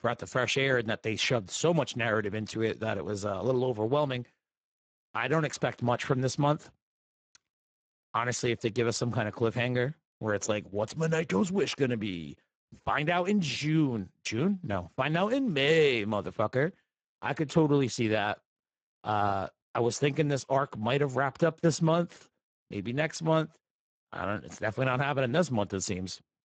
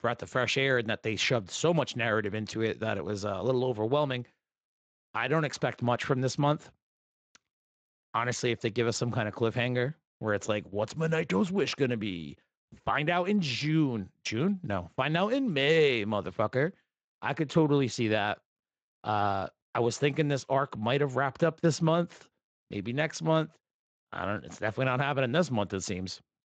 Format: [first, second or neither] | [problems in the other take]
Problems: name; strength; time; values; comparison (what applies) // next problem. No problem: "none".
second | garbled, watery; badly; nothing above 7.5 kHz; slightly in the second